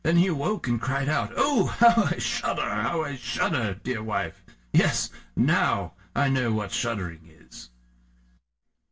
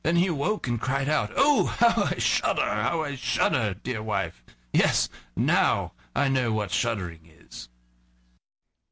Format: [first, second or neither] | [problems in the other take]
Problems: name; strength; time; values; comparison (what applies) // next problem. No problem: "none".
second | room echo; dies away in 0.1 s